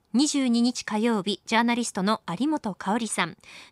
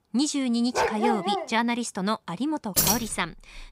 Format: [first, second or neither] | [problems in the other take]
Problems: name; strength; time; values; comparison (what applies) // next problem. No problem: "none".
first | dog barking; loud; at 0.5 s; peak 2 dB above the speech // jangling keys; loud; at 3 s; peak 6 dB above the speech